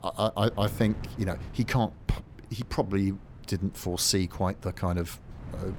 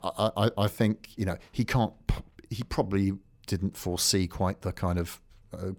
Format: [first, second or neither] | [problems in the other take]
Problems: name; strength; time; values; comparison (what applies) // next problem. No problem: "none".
second | wind noise on the microphone; occasional gusts; 20 dB below the speech